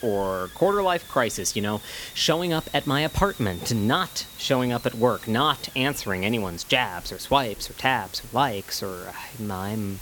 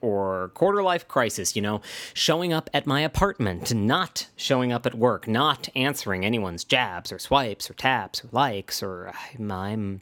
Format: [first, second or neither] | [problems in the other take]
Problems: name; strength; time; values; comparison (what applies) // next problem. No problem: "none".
second | hiss; noticeable; throughout; 15 dB below the speech